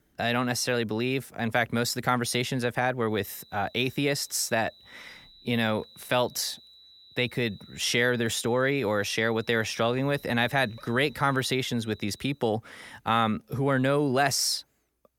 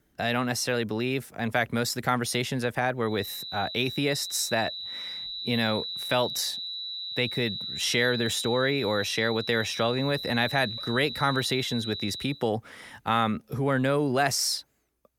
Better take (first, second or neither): first